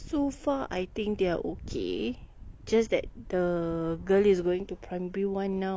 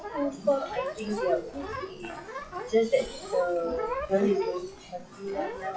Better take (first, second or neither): first